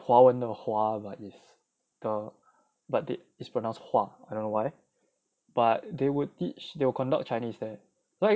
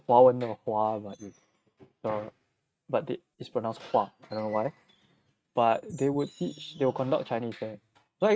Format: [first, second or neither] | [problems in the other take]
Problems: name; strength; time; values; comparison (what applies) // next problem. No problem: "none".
first | noise reduction (neural mask model RNNoise)